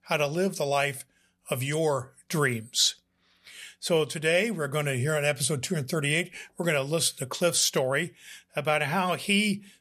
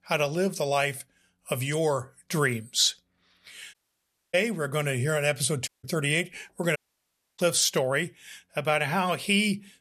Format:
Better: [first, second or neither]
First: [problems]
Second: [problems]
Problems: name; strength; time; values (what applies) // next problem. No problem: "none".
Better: first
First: none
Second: audio cutting out; at 3.5 s for 0.5 s, at 5.5 s and at 7 s for 0.5 s